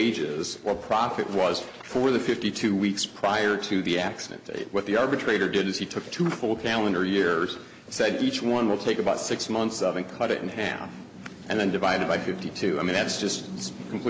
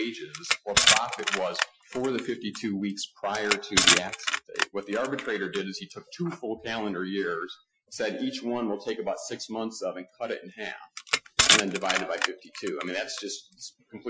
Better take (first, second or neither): first